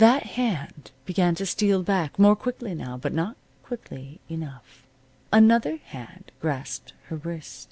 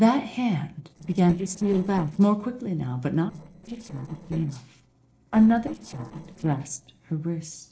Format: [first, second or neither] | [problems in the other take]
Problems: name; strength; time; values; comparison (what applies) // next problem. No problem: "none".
first | noise reduction (neural separator model SepFormer DNS4)